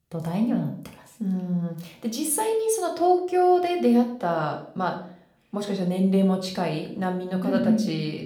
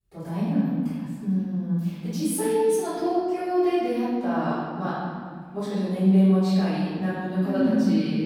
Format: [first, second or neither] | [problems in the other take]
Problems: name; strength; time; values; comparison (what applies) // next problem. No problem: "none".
first | room echo; strong; dies away in 2 s; slight in the first // off-mic speech; far; somewhat distant in the first